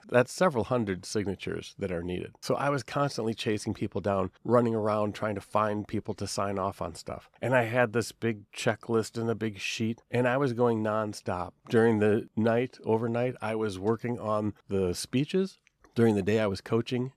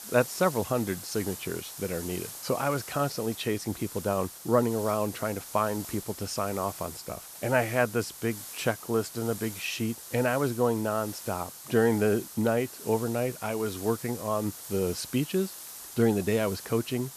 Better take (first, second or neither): first